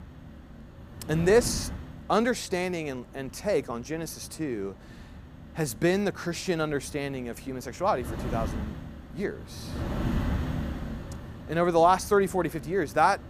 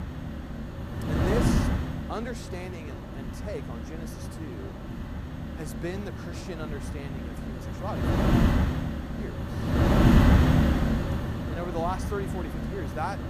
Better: first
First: wind noise on the microphone; occasional gusts; 15 dB below the speech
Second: wind noise on the microphone; heavy; 4 dB above the speech

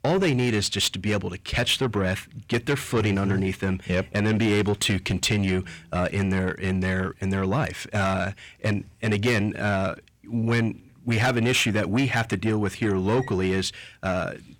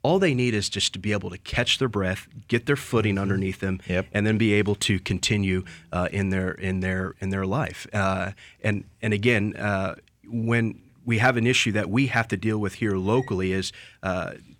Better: second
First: distortion; slight; 10 dB below the speech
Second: none

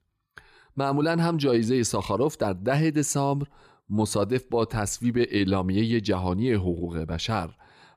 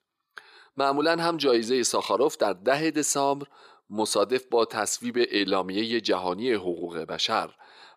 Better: first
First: none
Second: thin; somewhat; fading below 450 Hz

